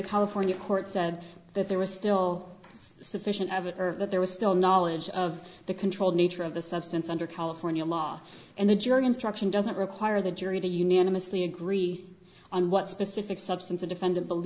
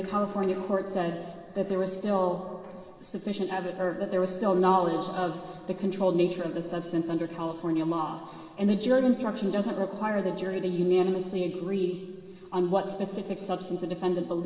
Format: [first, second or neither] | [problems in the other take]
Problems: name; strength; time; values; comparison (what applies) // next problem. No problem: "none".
first | room echo; dies away in 2.8 s